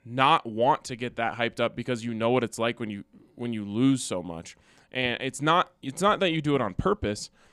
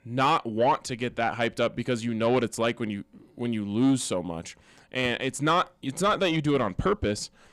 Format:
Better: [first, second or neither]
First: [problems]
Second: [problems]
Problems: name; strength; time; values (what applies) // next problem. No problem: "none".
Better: first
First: none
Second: distortion; slight; 10 dB below the speech